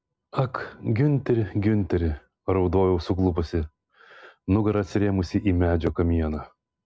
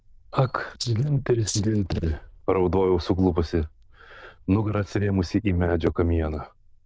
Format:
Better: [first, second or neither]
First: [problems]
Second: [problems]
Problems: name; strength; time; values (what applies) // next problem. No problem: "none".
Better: first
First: none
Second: noise reduction (neural diffusion model UNIVERSE++)